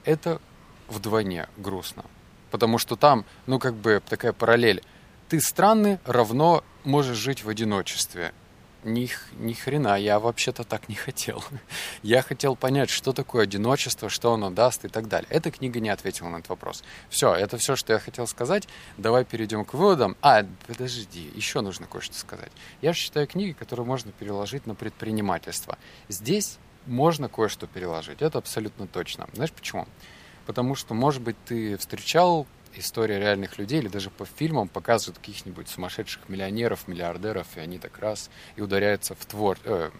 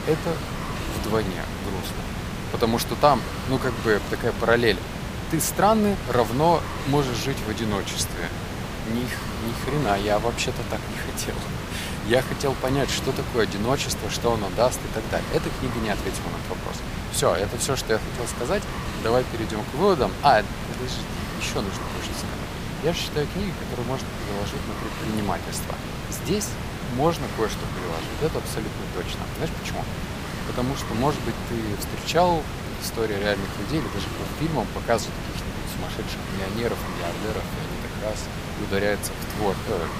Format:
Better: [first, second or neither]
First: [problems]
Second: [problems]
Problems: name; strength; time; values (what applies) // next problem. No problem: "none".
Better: first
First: hiss; faint; throughout; 25 dB below the speech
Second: hiss; loud; throughout; 5 dB below the speech